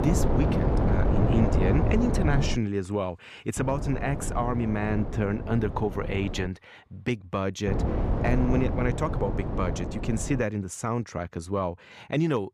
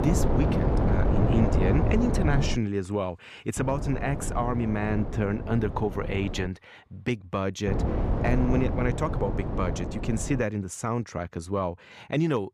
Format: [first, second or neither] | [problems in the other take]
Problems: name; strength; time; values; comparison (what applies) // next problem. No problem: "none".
neither | wind noise on the microphone; heavy; until 2.5 s, from 3.5 to 6.5 s and from 7.5 to 10 s; 3 dB below the speech; the same in both